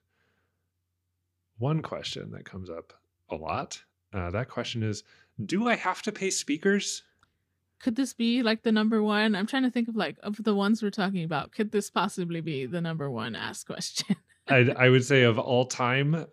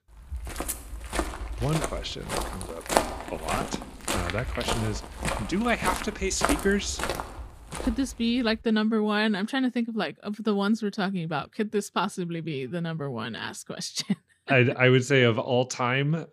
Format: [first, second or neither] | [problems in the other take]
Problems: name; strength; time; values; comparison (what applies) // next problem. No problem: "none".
first | footsteps; loud; until 8 s; peak 1 dB above the speech